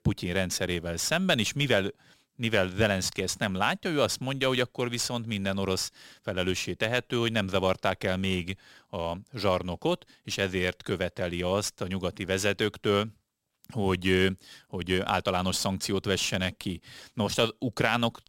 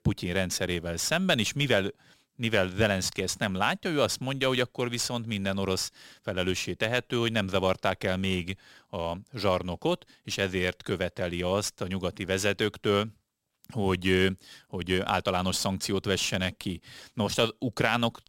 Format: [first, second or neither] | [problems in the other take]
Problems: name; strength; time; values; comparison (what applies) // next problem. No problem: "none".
neither | none